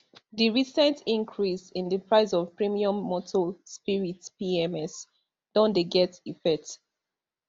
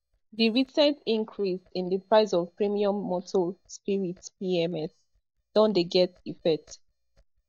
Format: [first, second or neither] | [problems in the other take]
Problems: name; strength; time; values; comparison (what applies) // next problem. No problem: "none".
first | noise reduction (neural mask model DeepFilterNet 3)